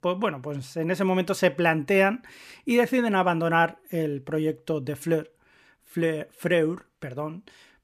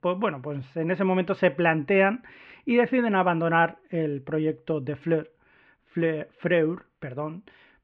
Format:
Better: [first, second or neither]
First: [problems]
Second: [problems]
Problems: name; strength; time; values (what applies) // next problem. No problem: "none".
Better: first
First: none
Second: muffled; very; fading above 3 kHz